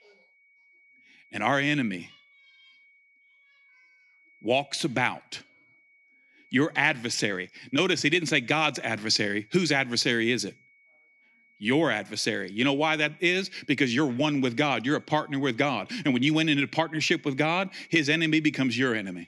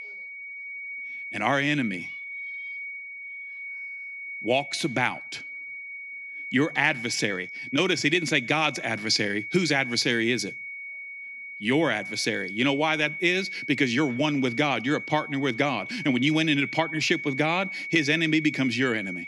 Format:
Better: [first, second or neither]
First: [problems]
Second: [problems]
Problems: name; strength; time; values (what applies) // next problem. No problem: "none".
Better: first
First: high-pitched whine; faint; throughout; 2 kHz, 30 dB below the speech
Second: high-pitched whine; loud; throughout; 2 kHz, 10 dB below the speech